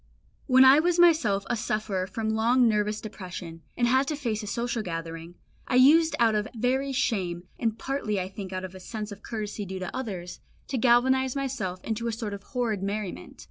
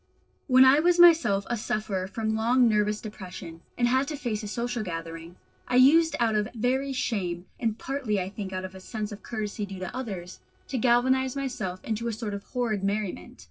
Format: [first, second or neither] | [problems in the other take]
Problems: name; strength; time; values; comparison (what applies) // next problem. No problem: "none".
first | noise reduction (neural separator model SepFormer DNS4)